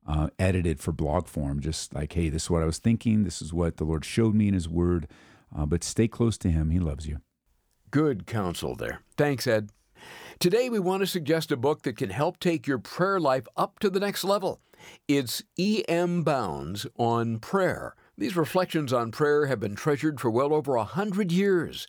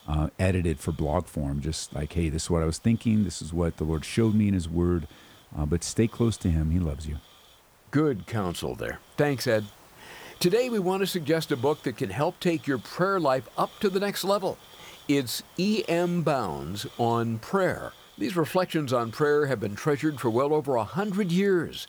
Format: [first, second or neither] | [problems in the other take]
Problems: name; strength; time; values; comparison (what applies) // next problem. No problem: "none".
first | hiss; faint; throughout; 25 dB below the speech